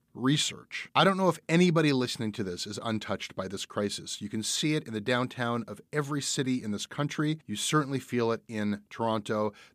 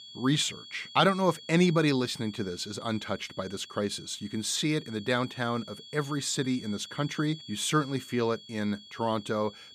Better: first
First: none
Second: high-pitched whine; noticeable; throughout; 3.5 kHz, 15 dB below the speech

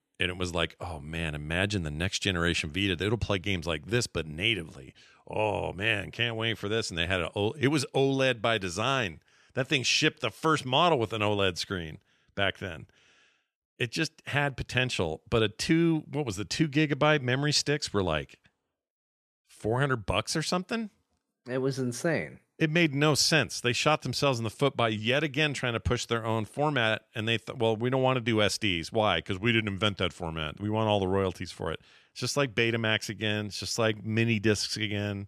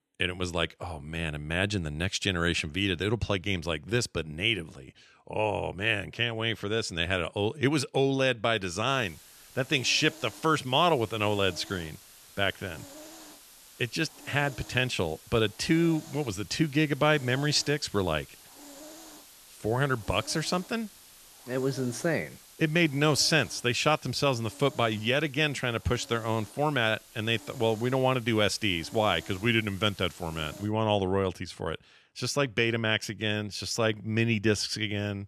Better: first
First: none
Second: hiss; faint; from 9 to 31 s; 20 dB below the speech

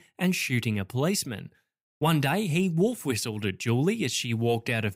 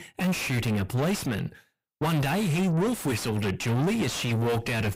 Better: first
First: none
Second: distortion; heavy; 5 dB below the speech

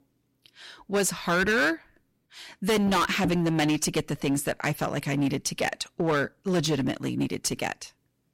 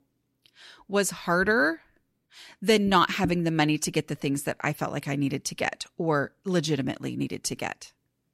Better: second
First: distortion; heavy; 10% of the sound clipped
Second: none

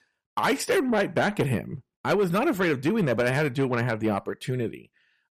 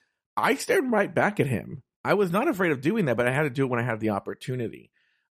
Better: second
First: distortion; slight; 10 dB below the speech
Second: none

